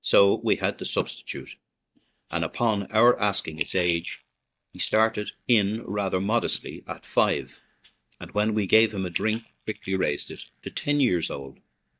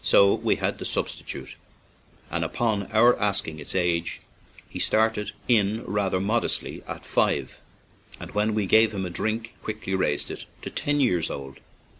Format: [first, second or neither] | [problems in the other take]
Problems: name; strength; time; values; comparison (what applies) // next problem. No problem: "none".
second | noise reduction (neural mask model DeepFilterNet 3)